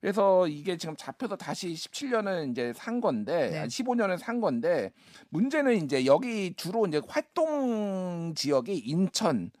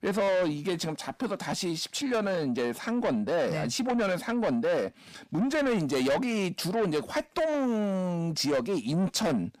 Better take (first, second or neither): first